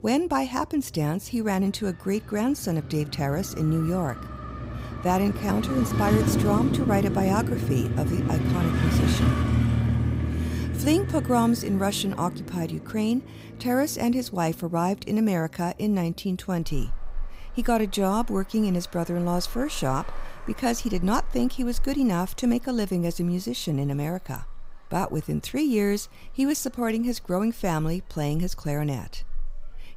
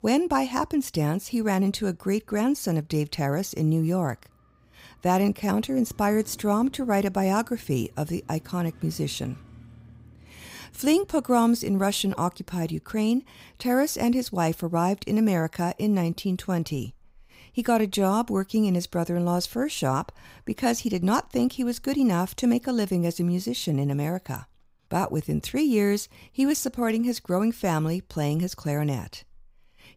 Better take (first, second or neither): second